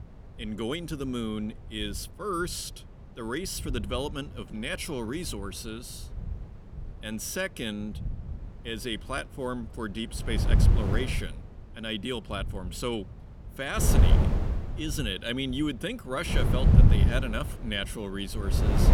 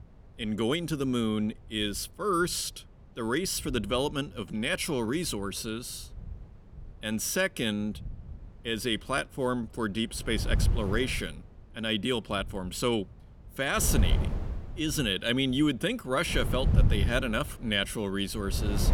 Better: second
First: wind noise on the microphone; heavy; 5 dB below the speech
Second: wind noise on the microphone; occasional gusts; 15 dB below the speech

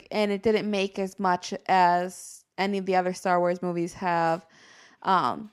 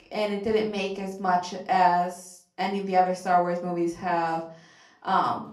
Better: first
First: none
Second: off-mic speech; far // room echo; slight; dies away in 0.4 s

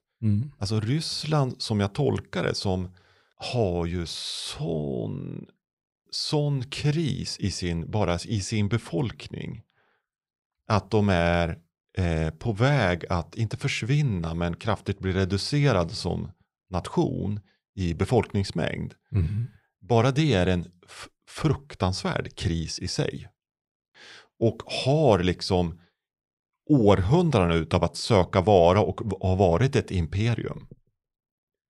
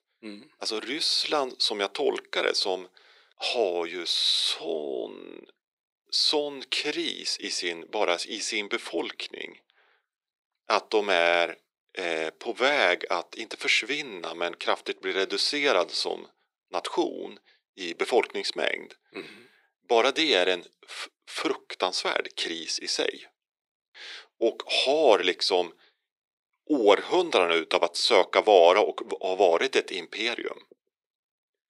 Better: first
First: none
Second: thin; very; fading below 350 Hz

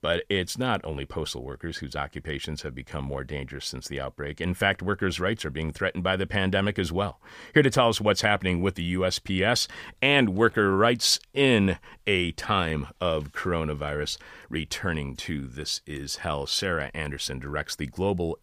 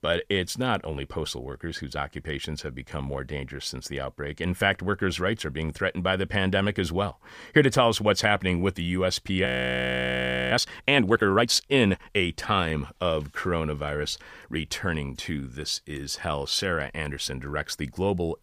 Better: first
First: none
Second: audio freezing; at 9.5 s for 1 s

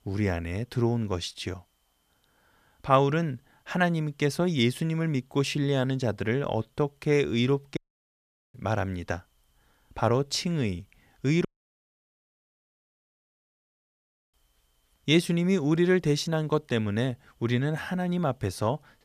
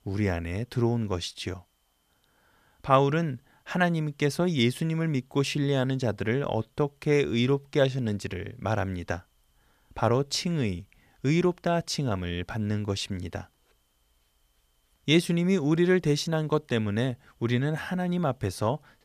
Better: second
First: audio cutting out; at 8 s for 1 s and at 11 s for 3 s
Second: none

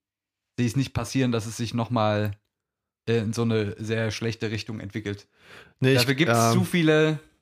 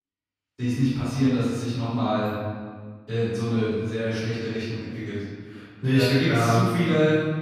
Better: first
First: none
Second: room echo; strong; dies away in 1.6 s // off-mic speech; far

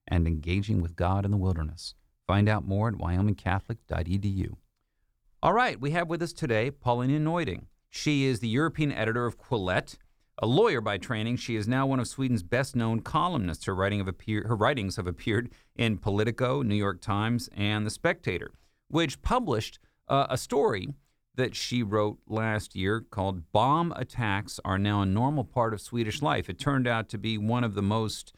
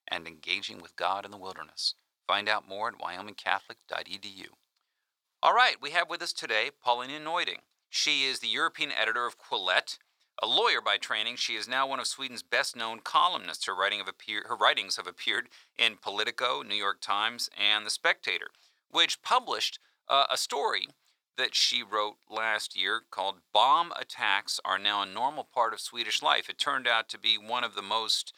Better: first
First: none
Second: thin; very; fading below 900 Hz

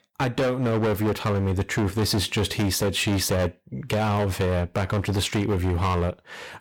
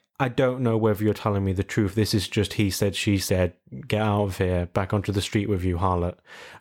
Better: second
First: distortion; heavy; 23% of the sound clipped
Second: none

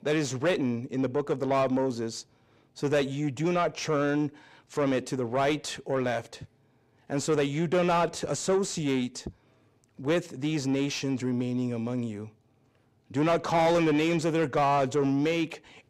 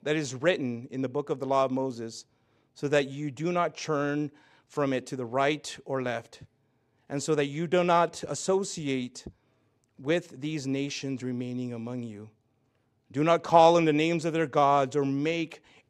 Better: second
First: distortion; heavy; 7 dB below the speech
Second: none

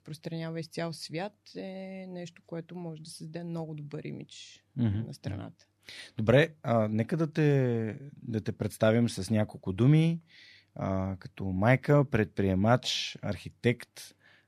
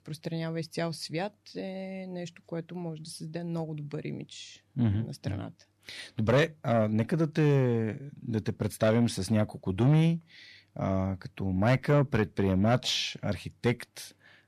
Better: first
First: none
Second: distortion; slight; 10 dB below the speech

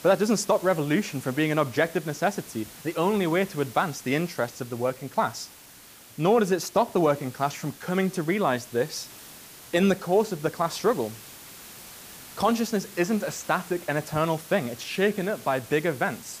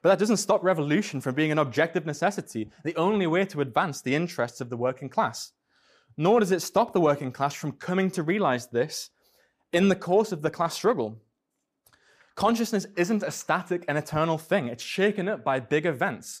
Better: second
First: hiss; noticeable; throughout; 15 dB below the speech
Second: none

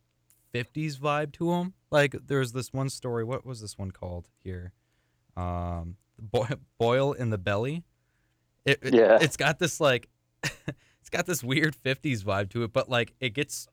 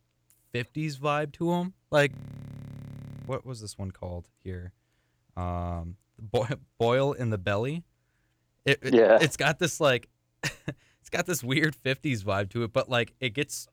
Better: first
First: none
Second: audio freezing; at 2 s for 1 s

